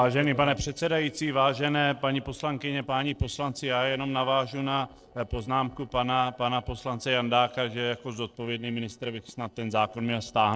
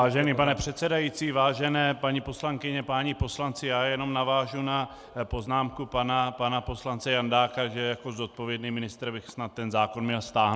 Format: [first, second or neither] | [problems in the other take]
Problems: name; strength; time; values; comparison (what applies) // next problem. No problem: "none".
second | noise reduction (neural separator model SepFormer DNS4)